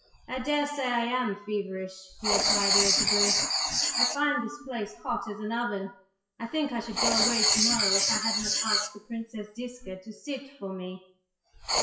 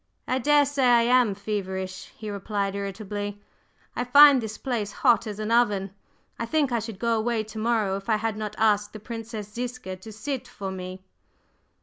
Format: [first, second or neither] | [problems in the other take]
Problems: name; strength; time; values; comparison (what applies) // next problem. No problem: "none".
second | noise reduction (classical method WPE with log-MMSE)